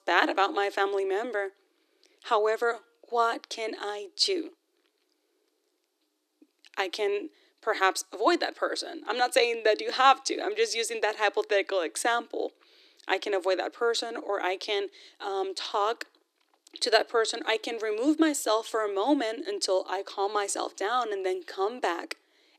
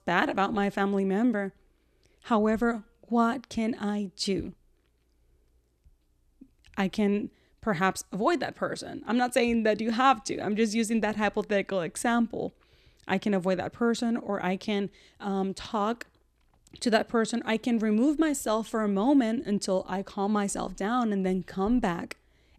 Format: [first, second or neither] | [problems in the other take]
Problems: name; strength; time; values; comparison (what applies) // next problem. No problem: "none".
second | thin; very; fading below 300 Hz